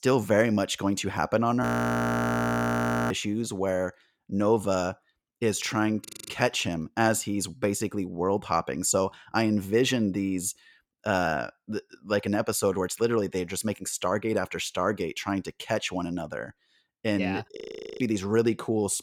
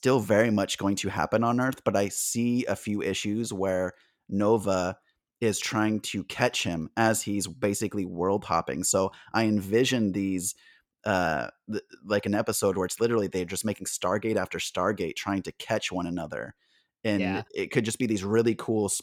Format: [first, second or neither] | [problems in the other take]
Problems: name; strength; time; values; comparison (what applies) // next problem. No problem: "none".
second | audio freezing; at 1.5 s for 1.5 s, at 6 s and at 18 s